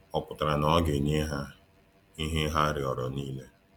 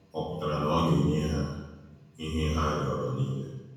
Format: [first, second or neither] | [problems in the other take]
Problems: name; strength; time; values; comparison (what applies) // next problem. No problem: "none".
first | room echo; dies away in 1 s